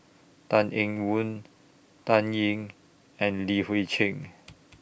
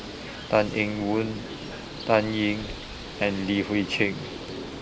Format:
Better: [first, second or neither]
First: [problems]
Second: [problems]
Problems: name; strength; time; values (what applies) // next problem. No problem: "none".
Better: first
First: none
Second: background sound (Bird); 9 dB below the speech